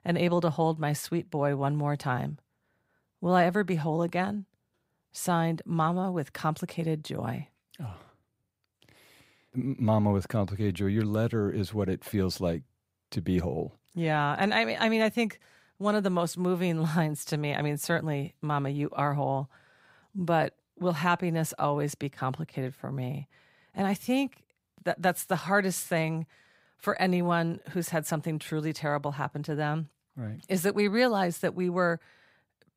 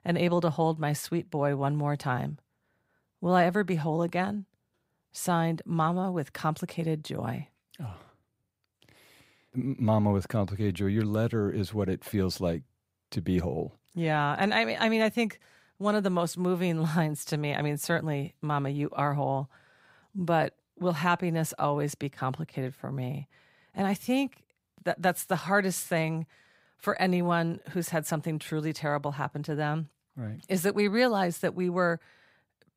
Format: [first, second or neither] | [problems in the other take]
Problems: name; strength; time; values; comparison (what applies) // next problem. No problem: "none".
neither | none